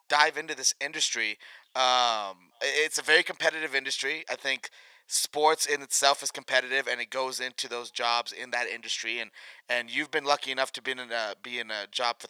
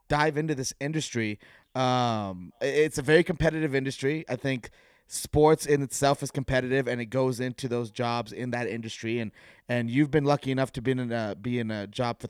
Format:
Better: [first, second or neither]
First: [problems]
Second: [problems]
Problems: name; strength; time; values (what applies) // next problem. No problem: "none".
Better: second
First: thin; very; fading below 900 Hz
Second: none